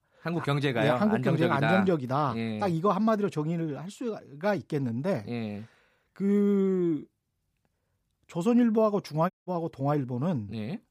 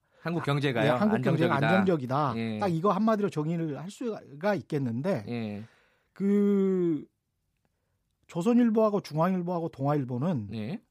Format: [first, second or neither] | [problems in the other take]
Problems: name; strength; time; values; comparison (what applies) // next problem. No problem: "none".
second | audio cutting out; at 9.5 s